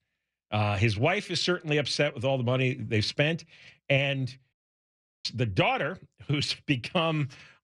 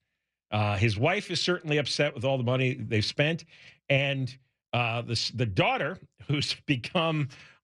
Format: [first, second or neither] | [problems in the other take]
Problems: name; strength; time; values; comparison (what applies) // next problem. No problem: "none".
second | audio cutting out; at 4.5 s for 0.5 s